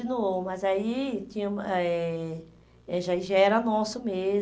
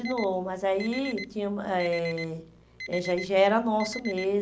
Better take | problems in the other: first | background sound (Alarm); 14 dB below the speech

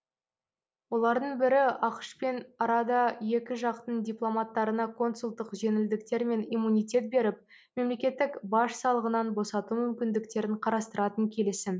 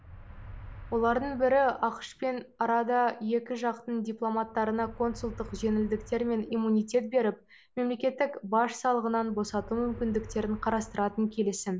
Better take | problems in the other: first | background sound (Motor vehicle (road)); 18 dB below the speech

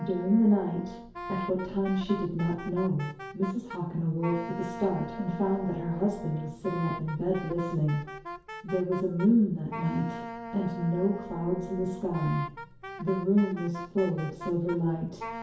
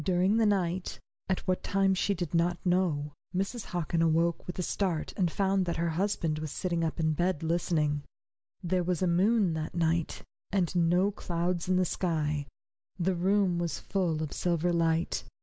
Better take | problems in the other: second | background sound (Wind instrument, woodwind instrument); 12 dB below the speech // room echo; dies away in 2.4 s

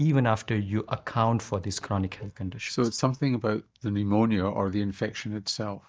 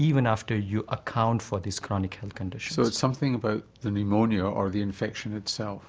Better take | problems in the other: second | noise reduction (neural mask model DeepFilterNet 3)

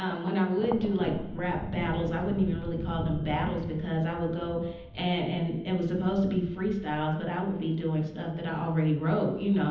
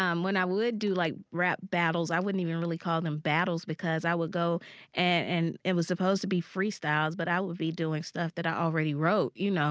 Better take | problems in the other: second | background sound (Thunder); 11 dB below the speech // room echo; dies away in 1.3 s

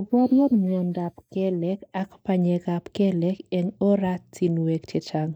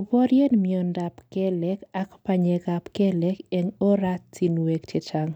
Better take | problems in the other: second | noise reduction (neural mask model Resemble Enhance denoiser)

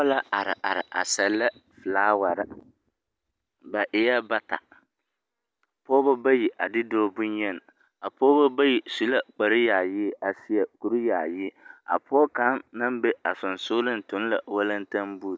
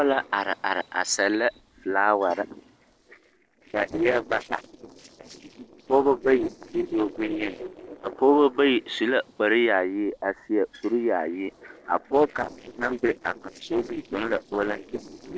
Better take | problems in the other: first | noise reduction (neural separator model SepFormer DNS4)

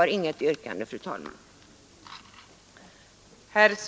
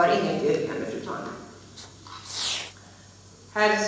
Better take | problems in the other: first | background sound (Fireworks); 12 dB below the speech // room echo; dies away in 1 s

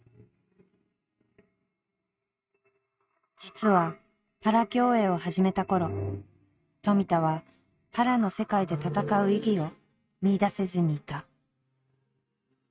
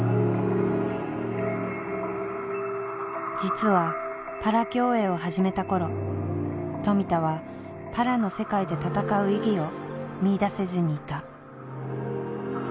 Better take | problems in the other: second | noise reduction (neural mask model RNNoise)

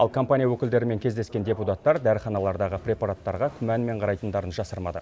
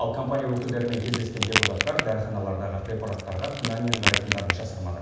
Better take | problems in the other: first | background sound (Crack); 2 dB below the speech // room echo; dies away in 1.1 s

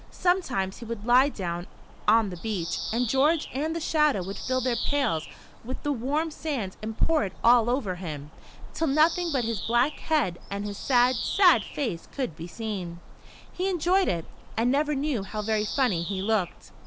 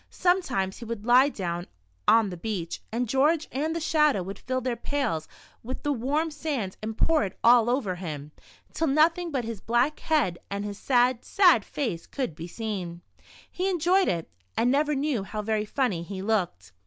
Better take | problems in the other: second | background sound (Bird vocalization, bird call, bird song); 11 dB below the speech

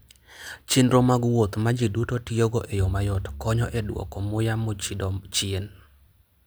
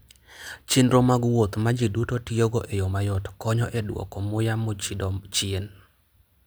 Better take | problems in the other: second | background sound (Bowed string instrument); 14 dB below the speech

